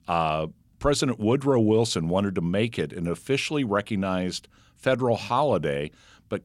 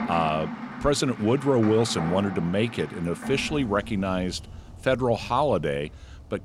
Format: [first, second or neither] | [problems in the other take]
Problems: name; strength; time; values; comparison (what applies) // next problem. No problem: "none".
first | rain or running water; noticeable; throughout; 10 dB below the speech